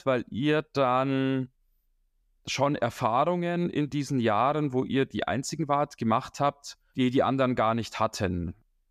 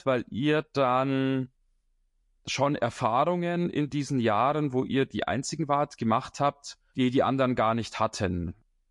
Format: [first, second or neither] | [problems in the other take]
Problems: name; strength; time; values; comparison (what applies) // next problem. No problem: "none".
first | garbled, watery; slightly; nothing above 11 kHz